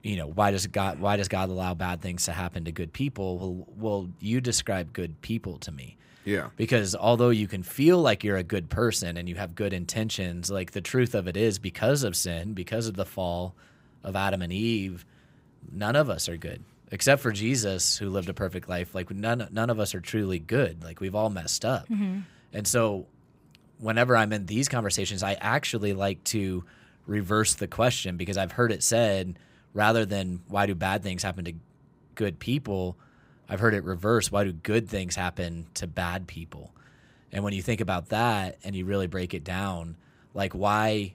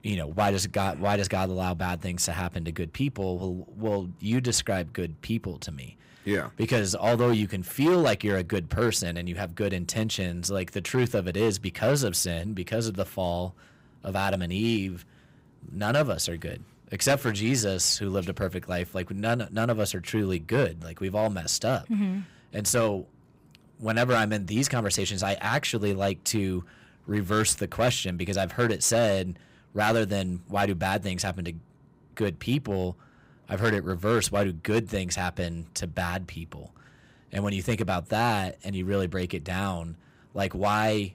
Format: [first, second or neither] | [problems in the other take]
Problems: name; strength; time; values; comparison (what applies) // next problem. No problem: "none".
first | distortion; slight; 3% of the sound clipped